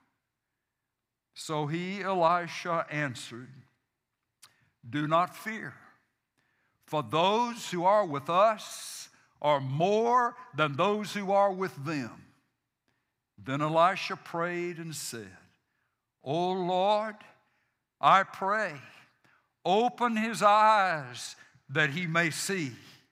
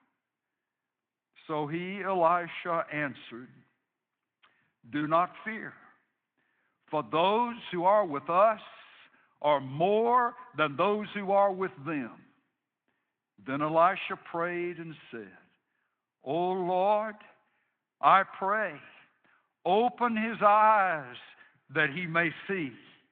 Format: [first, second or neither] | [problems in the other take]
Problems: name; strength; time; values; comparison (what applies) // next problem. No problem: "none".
first | phone-call audio